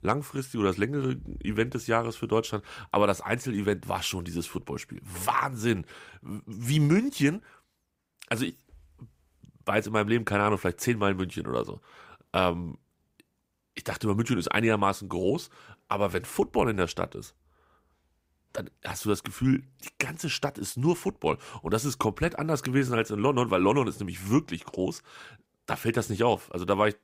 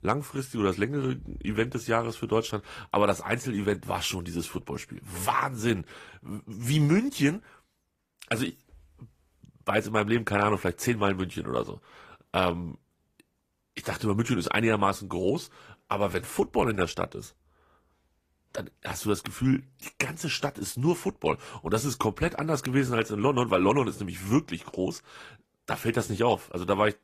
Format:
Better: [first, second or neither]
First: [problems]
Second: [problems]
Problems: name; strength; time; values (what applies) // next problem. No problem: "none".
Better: first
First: none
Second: garbled, watery; slightly; nothing above 14.5 kHz